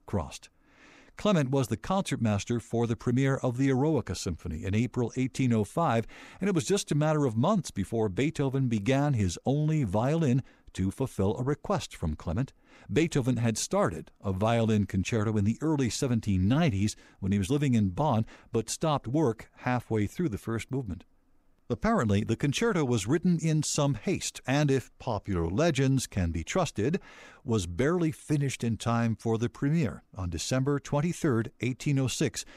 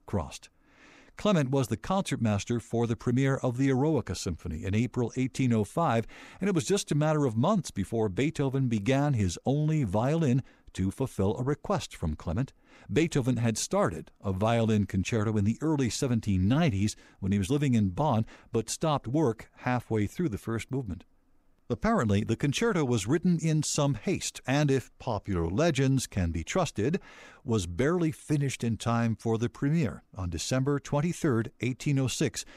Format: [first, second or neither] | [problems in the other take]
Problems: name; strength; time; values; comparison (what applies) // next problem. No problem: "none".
neither | none